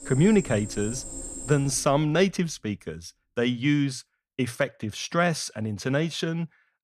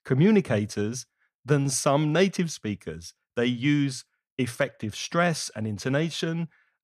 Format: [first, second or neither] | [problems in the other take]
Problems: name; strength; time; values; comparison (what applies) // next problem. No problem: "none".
second | animal sounds; noticeable; until 1.5 s; 10 dB below the speech